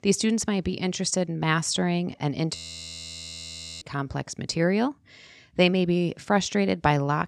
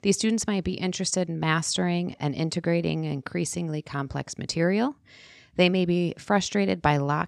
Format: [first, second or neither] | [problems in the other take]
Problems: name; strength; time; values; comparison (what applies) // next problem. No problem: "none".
second | audio freezing; at 2.5 s for 1.5 s